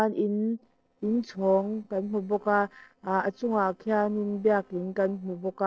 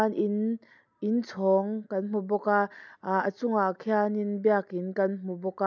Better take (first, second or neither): second